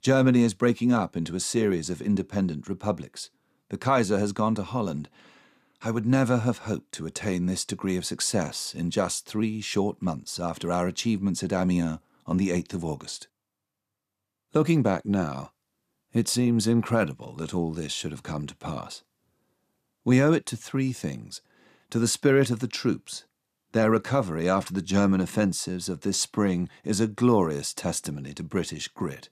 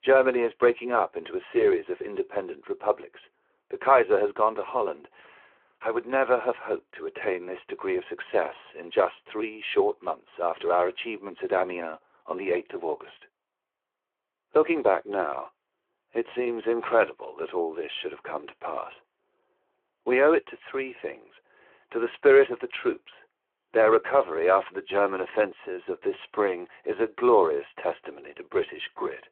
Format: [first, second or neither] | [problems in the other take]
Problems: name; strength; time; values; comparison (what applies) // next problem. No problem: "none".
first | phone-call audio